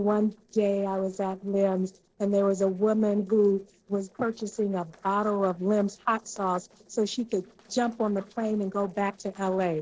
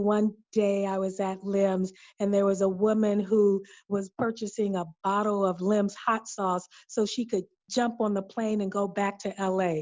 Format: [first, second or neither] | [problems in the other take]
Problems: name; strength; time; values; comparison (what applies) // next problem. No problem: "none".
second | noise reduction (neural separator model SepFormer DNS4)